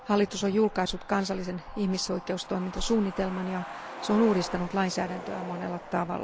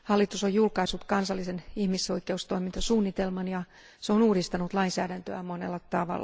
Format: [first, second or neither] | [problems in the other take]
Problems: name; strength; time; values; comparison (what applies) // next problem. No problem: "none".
second | background sound (Truck); 13 dB below the speech